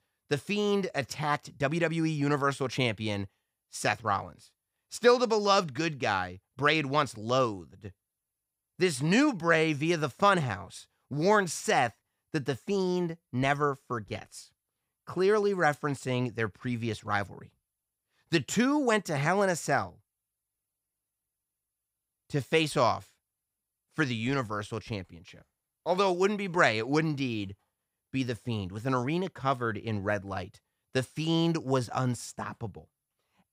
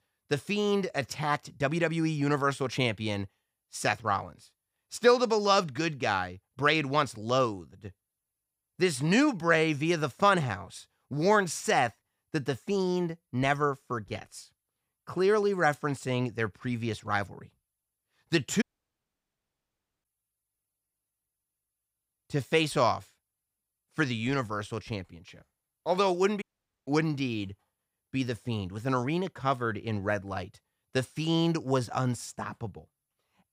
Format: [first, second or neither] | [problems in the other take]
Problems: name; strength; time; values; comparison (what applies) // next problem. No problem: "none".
first | audio cutting out; at 19 s for 1.5 s and at 26 s